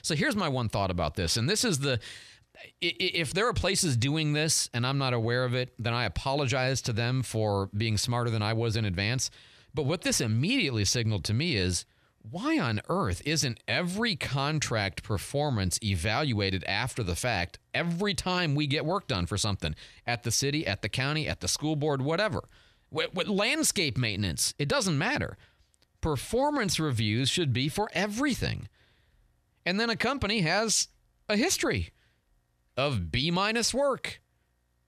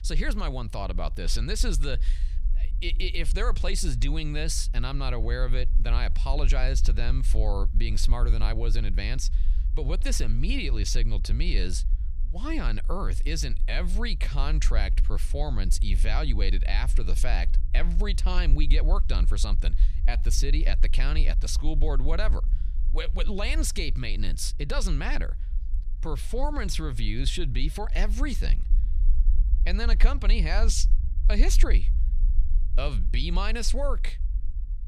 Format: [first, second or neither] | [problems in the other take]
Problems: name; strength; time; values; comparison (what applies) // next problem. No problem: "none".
first | low rumble; noticeable; throughout; 20 dB below the speech